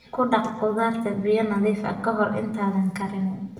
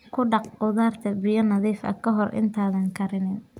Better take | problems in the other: second | room echo; dies away in 0.7 s

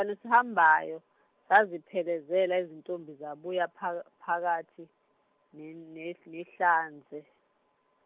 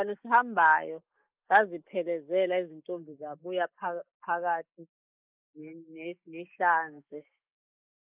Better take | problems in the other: first | noise reduction (neural mask model Resemble Enhance denoiser)

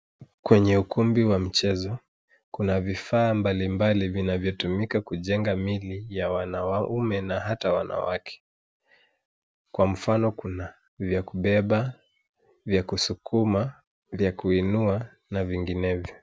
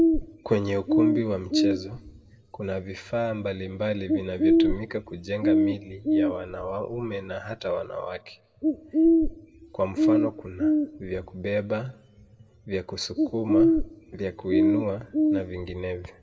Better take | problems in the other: first | background sound (Bird); 5 dB above the speech // room echo; dies away in 0.9 s

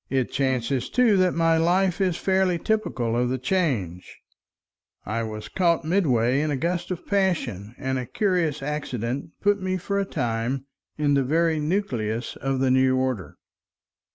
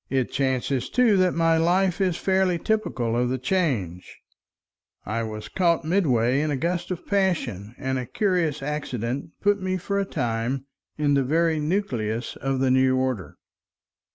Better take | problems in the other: second | background sound (Brass instrument); 17 dB below the speech

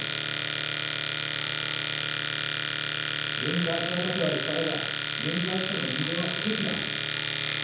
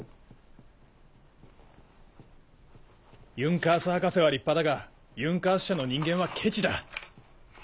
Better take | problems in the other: second | background sound (Domestic sounds, home sounds); 4 dB above the speech // room echo; dies away in 0.8 s

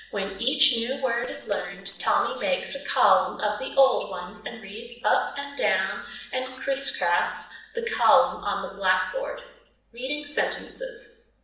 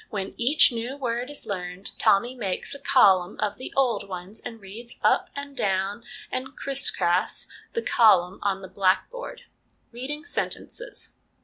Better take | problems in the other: second | noise reduction (neural separator model SepFormer DNS4)

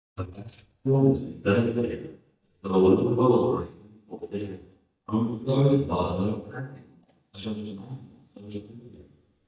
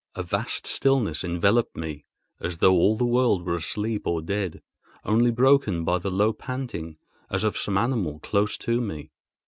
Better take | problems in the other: second | noise reduction (neural mask model DeepFilterNet 3)

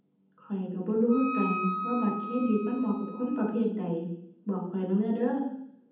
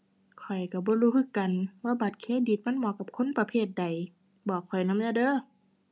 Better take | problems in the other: second | background sound (Wind instrument, woodwind instrument); 8 dB below the speech // room echo; dies away in 0.8 s

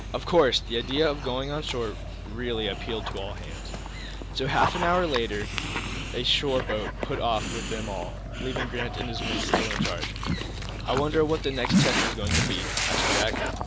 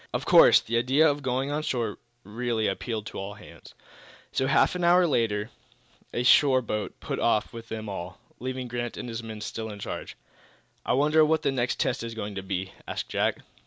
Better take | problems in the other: second | background sound (Dog); as loud as the speech

